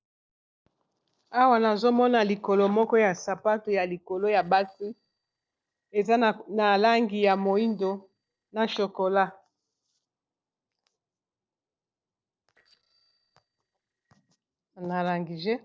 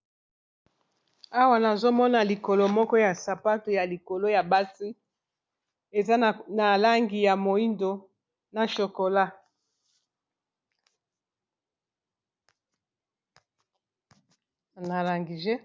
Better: second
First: noise reduction (neural separator model SepFormer DNS4)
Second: none

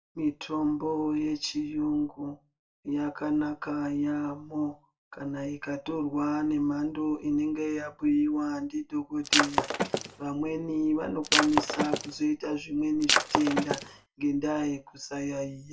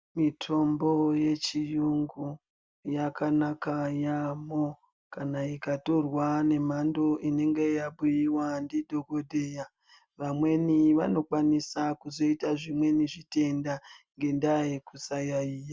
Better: second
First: background sound (Shatter); 2 dB above the speech // room echo; dies away in 0.2 s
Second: none

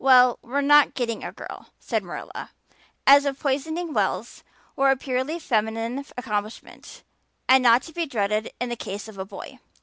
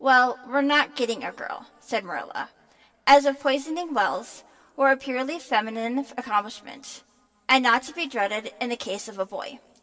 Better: first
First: none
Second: room echo; dies away in 1.8 s

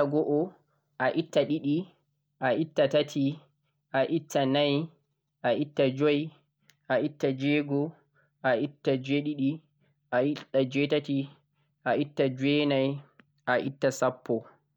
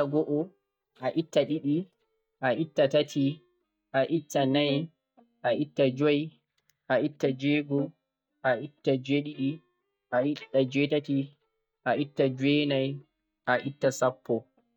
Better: first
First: none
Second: noise reduction (neural mask model DeepFilterNet 3)

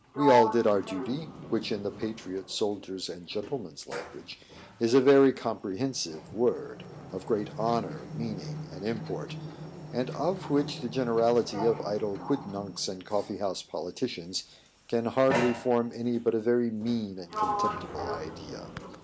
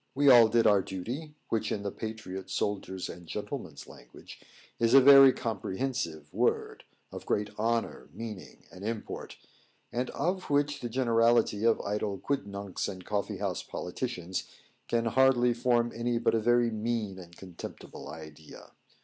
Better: second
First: background sound (Sliding door); 8 dB below the speech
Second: none

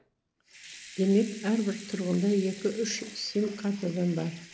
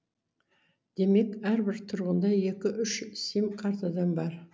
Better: second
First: background sound (Sink (filling or washing) / Water tap, faucet / Liquid); 18 dB below the speech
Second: none

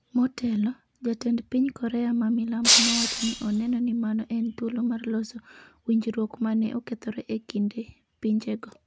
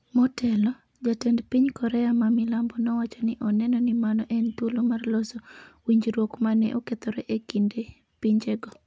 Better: second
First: background sound (Shatter); 4 dB above the speech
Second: none

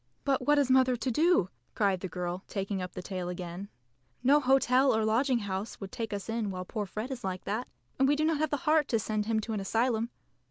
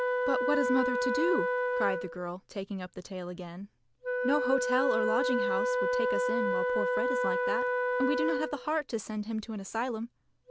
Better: first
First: none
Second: background sound (Wind instrument, woodwind instrument); 2 dB above the speech

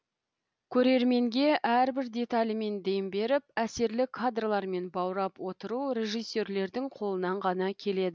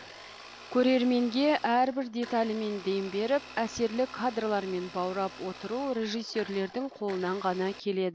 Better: first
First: none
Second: background sound (Domestic sounds, home sounds); 17 dB below the speech

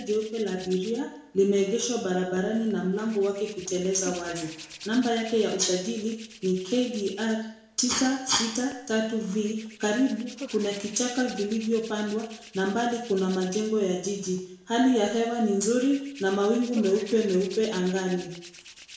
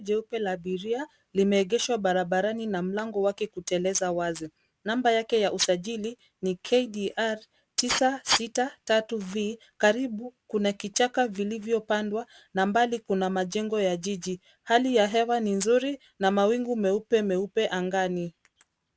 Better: second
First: background sound (Hands); 19 dB below the speech // room echo; dies away in 0.6 s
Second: none

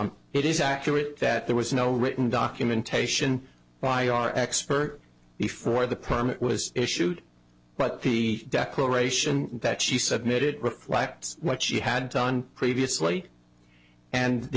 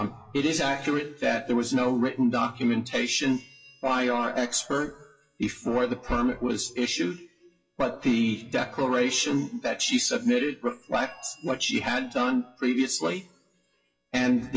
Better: first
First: none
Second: noise reduction (classical method WPE with log-MMSE)

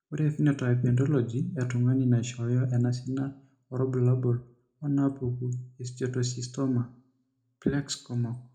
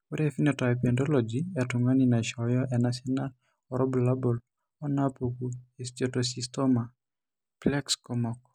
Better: second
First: room echo; dies away in 0.3 s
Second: none

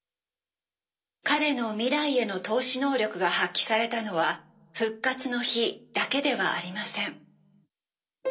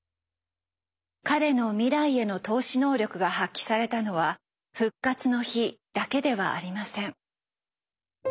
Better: second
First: room echo; dies away in 0.2 s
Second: none

